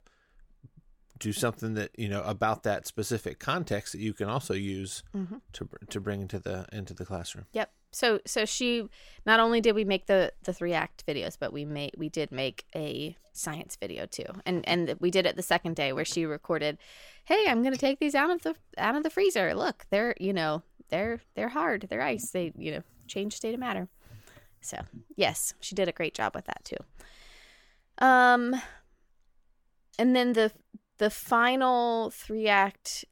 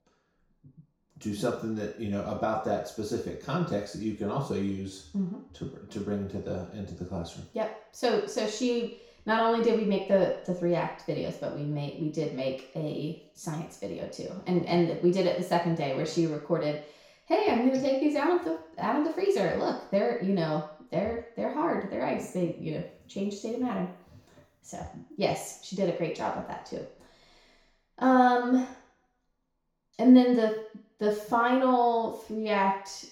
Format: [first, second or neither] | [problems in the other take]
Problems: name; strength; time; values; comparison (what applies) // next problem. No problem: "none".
first | room echo; noticeable; dies away in 0.6 s // off-mic speech; far